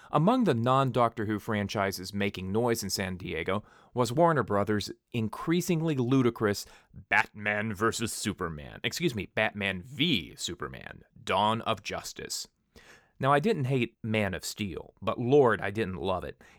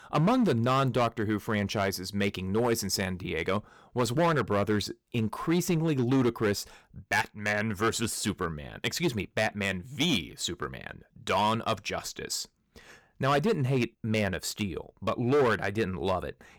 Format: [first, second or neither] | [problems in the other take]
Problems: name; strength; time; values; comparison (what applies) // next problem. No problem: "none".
first | distortion; slight; 5% of the sound clipped